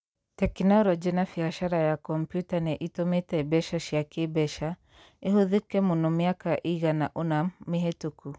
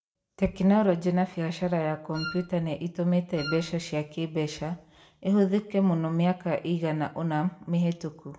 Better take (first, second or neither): first